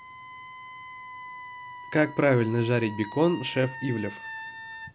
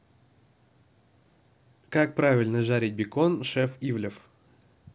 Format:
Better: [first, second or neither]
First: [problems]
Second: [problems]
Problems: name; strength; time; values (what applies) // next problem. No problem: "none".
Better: second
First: background sound (Wind instrument, woodwind instrument); 13 dB below the speech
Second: none